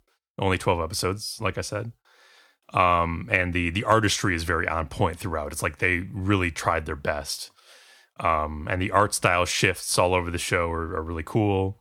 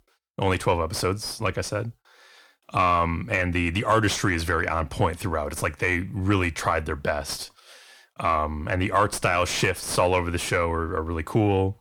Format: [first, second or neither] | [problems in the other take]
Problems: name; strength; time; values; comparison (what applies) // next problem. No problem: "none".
first | distortion; slight; 10 dB below the speech